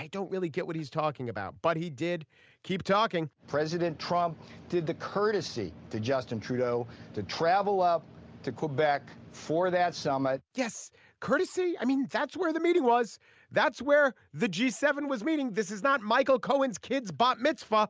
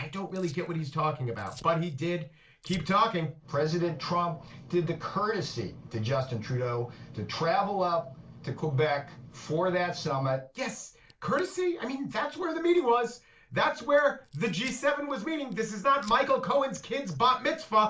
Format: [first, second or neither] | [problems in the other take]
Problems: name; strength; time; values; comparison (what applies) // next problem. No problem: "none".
first | noise reduction (neural separator model SepFormer DNS4)